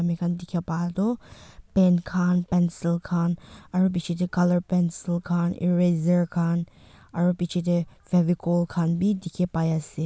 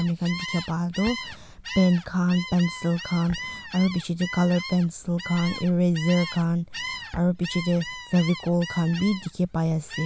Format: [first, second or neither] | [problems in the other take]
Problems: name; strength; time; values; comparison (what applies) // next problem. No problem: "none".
first | background sound (Gull, seagull); 12 dB below the speech